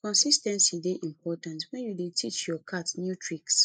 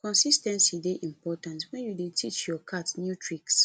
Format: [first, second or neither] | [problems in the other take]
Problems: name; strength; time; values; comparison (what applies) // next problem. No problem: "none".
second | noise reduction (neural mask model Resemble Enhance denoiser)